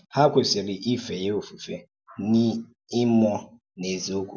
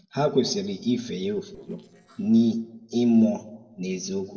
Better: first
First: none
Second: noise reduction (neural separator model SepFormer DNS4)

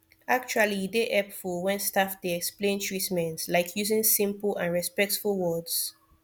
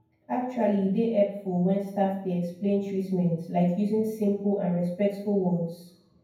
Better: first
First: none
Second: room echo; dies away in 0.9 s

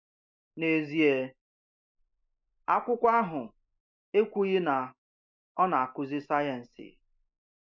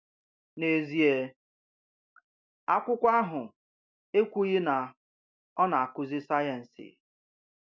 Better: second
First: noise reduction (neural mask model Resemble Enhance denoiser)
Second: none

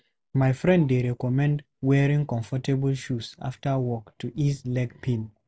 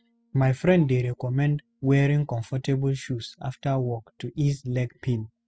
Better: first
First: none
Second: noise reduction (classical method spectral subtraction)

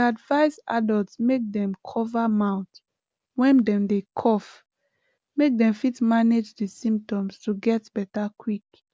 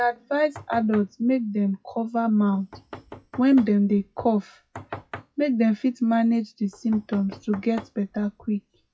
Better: first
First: none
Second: noise reduction (classical method WPE with log-MMSE)

